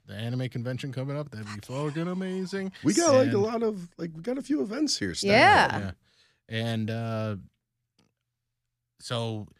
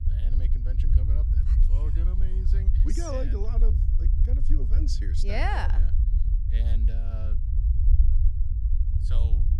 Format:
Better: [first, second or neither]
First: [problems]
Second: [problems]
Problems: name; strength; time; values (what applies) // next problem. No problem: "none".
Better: first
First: none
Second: low rumble; loud; throughout; 8 dB below the speech